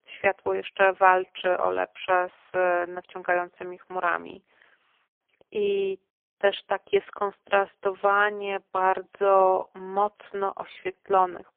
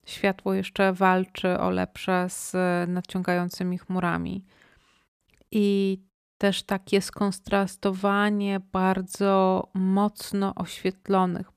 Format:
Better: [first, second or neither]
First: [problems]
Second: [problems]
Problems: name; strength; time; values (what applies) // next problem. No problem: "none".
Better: second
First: phone-call audio; poor line; nothing above 3.5 kHz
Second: none